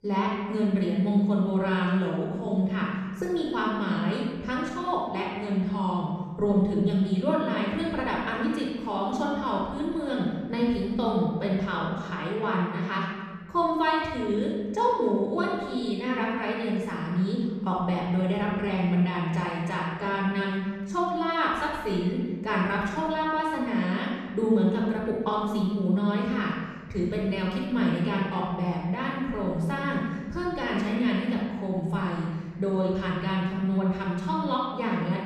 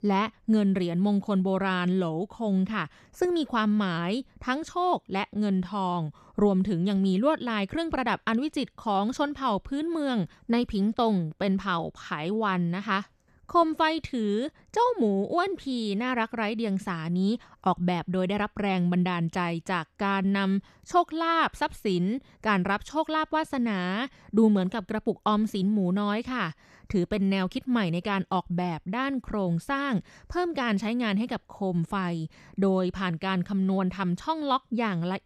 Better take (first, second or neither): second